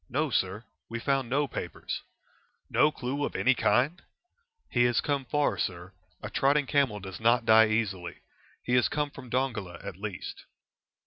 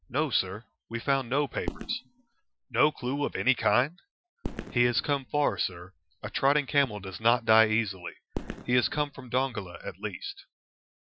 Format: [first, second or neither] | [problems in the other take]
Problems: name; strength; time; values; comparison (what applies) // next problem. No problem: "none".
first | noise reduction (classical method Wiener filter)